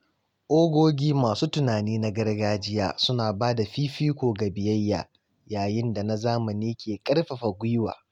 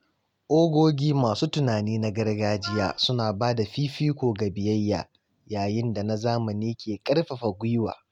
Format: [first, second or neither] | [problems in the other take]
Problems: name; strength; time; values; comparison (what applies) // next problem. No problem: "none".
first | background sound (Wind instrument, woodwind instrument); 15 dB below the speech